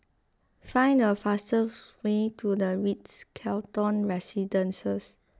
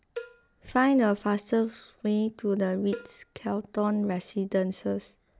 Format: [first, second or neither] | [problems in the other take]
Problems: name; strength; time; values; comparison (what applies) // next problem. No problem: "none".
first | background sound (Cowbell); 20 dB below the speech